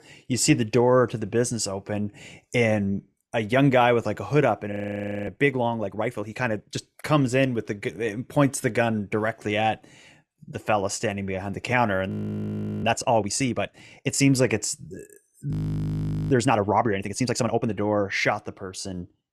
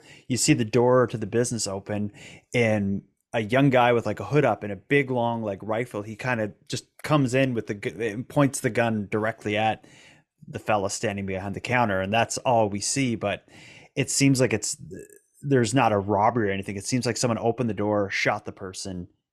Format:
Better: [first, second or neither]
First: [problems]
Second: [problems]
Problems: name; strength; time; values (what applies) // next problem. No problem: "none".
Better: second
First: audio freezing; at 4.5 s for 0.5 s, at 12 s for 0.5 s and at 16 s for 1 s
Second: none